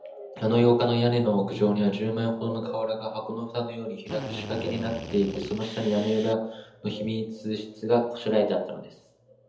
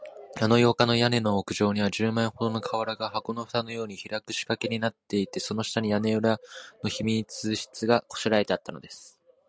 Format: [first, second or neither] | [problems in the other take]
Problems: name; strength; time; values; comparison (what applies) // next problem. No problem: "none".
second | background sound (Drill); 12 dB below the speech // room echo; dies away in 0.7 s